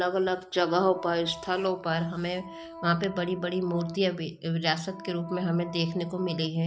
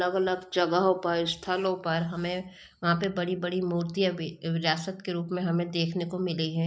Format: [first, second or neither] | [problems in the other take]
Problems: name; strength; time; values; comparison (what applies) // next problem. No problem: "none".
second | background sound (Organ); 15 dB below the speech